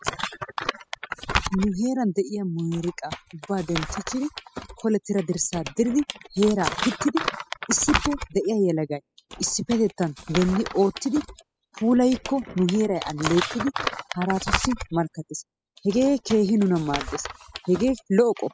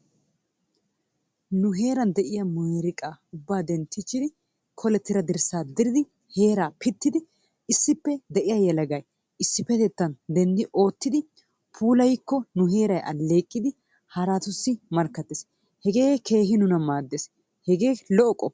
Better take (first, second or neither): second